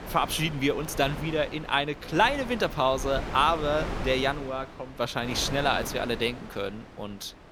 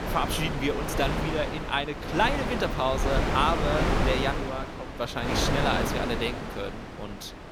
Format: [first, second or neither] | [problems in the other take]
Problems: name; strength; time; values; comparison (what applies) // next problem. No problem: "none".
first | wind noise on the microphone; heavy; 2 dB below the speech; occasional gusts in the first